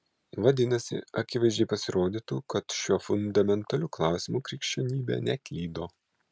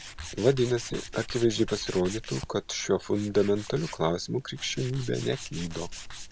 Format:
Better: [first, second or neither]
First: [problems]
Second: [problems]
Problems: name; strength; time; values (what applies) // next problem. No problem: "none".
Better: first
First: none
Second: background sound (Tools); 12 dB below the speech